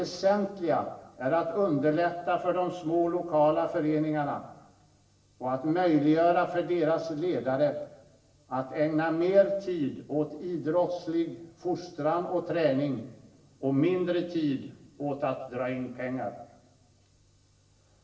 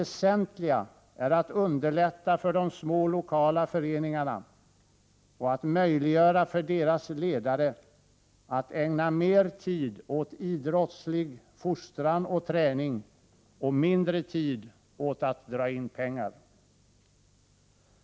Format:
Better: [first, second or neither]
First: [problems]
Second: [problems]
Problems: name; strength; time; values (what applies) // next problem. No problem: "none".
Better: second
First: room echo; dies away in 0.9 s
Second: none